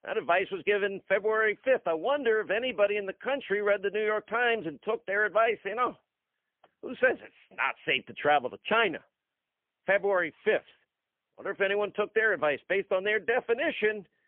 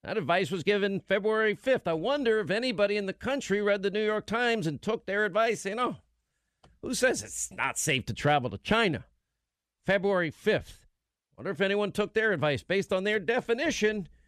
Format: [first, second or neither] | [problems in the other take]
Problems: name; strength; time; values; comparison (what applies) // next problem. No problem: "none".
second | phone-call audio; poor line; nothing above 3 kHz